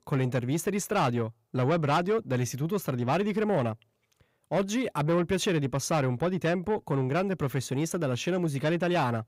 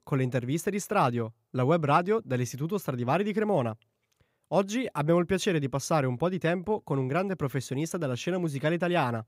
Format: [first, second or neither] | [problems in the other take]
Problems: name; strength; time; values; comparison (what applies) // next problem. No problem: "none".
second | distortion; slight; 10 dB below the speech